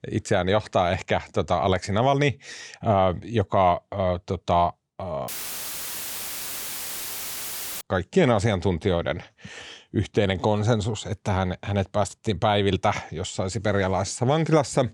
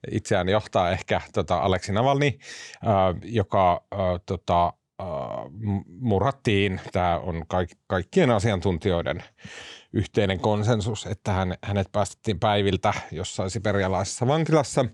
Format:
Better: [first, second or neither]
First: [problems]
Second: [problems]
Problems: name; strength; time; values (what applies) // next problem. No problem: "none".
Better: second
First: audio cutting out; filled with static; at 5.5 s for 2.5 s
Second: none